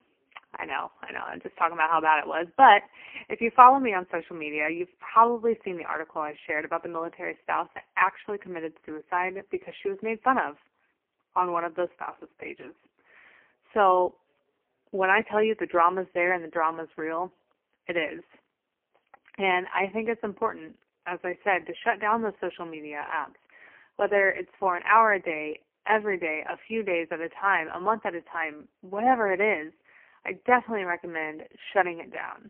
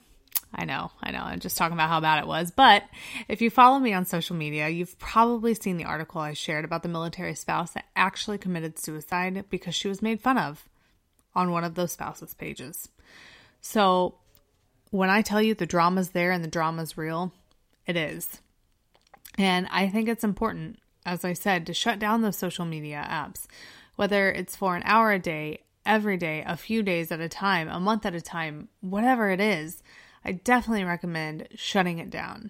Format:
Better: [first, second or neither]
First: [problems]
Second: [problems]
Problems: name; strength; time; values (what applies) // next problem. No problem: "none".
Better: second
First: phone-call audio; poor line; nothing above 3 kHz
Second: none